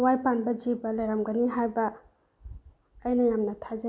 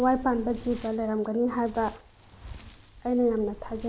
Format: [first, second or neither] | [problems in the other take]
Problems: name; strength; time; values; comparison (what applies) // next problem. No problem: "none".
first | background sound (Wind); 17 dB below the speech